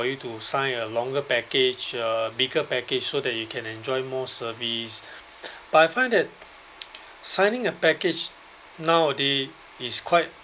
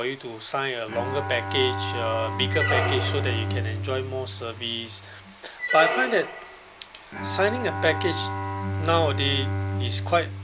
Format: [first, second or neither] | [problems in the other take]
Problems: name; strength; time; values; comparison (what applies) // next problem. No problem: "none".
first | background sound (Bowed string instrument + Squeak); 1 dB below the speech